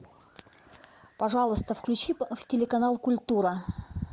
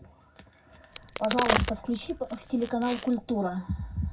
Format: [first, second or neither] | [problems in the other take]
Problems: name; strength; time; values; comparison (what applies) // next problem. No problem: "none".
first | background sound (Crack); 3 dB below the speech // room echo; dies away in 0.3 s